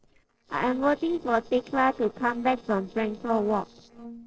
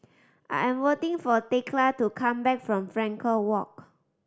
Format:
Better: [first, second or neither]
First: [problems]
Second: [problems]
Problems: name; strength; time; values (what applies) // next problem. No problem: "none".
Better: second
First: noise reduction (neural separator model SepFormer DNS4)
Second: none